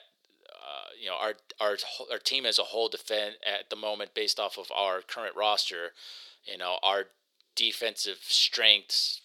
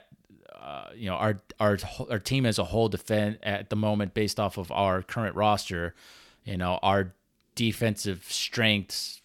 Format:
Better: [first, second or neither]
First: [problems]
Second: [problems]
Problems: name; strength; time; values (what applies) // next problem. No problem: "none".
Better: second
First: thin; very; fading below 450 Hz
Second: none